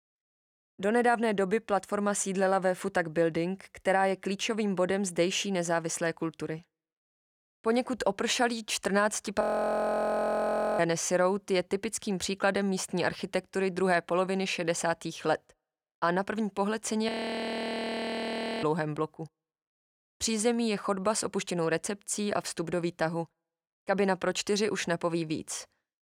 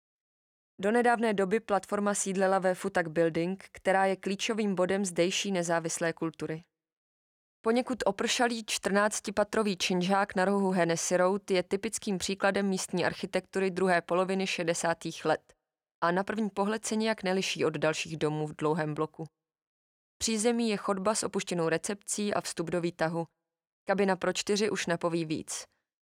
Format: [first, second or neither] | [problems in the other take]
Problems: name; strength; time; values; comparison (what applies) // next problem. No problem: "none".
second | audio freezing; at 9.5 s for 1.5 s and at 17 s for 1.5 s